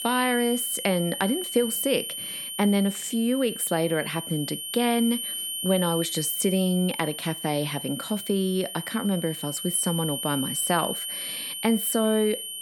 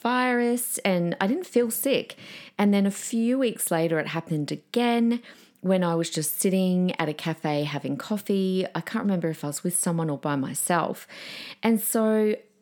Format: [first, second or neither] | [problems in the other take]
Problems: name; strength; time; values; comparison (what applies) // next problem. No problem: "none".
second | high-pitched whine; loud; throughout; 3 kHz, 5 dB below the speech